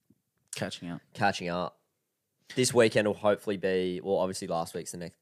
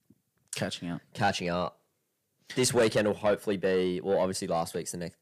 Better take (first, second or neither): first